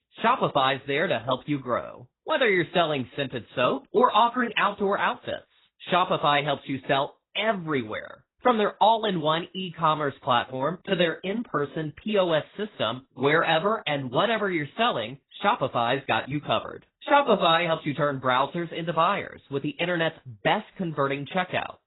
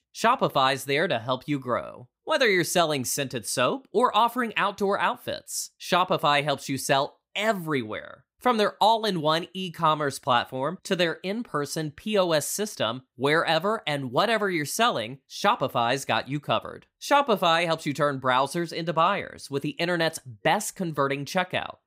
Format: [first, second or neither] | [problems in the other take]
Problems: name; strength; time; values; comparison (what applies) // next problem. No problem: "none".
second | garbled, watery; badly; nothing above 4 kHz